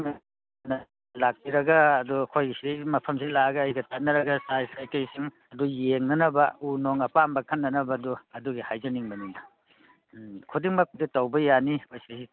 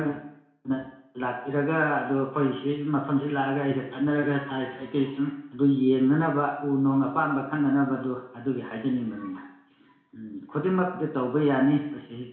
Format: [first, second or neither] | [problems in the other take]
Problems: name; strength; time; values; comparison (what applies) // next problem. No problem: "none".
first | room echo; dies away in 0.7 s